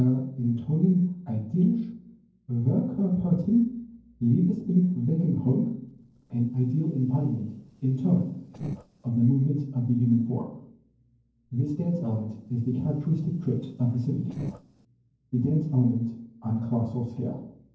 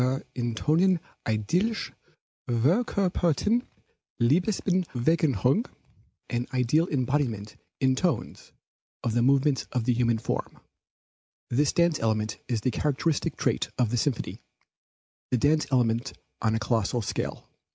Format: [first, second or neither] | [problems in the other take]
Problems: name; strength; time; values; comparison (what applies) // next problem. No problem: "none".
second | noise reduction (neural separator model SepFormer DNS4)